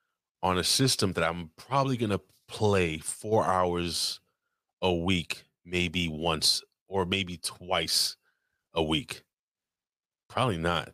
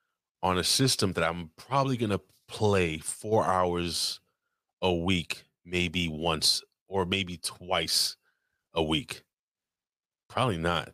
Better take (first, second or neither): neither